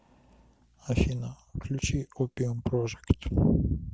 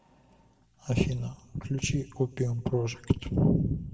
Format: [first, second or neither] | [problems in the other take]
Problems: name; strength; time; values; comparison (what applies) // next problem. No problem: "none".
first | room echo; dies away in 1.4 s